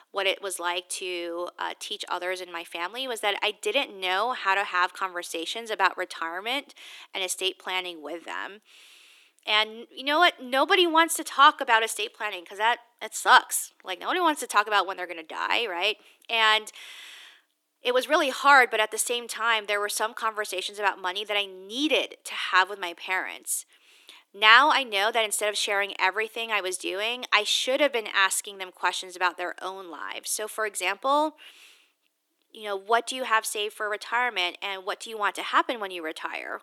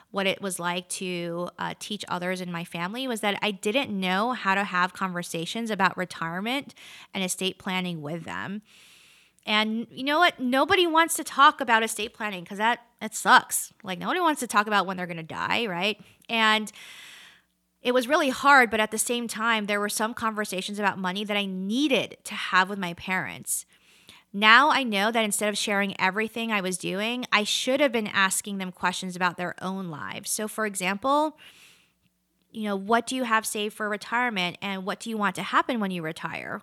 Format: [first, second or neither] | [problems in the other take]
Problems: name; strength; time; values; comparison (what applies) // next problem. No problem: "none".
second | thin; somewhat; fading below 300 Hz